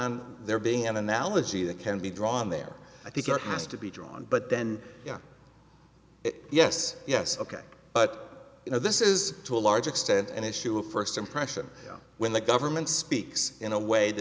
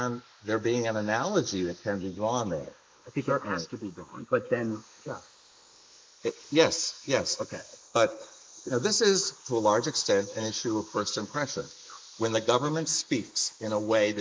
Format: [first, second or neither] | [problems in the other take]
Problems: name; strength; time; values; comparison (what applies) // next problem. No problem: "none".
first | noise reduction (neural mask model Resemble Enhance denoiser)